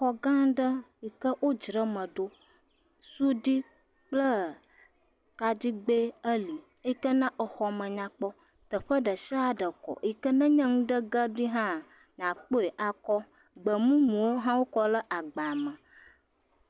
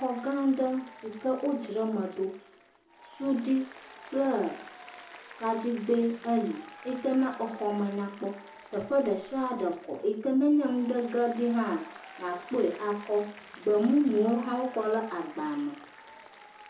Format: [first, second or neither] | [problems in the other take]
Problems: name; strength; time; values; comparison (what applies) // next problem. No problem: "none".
first | background sound (Applause); 20 dB below the speech // room echo; dies away in 0.6 s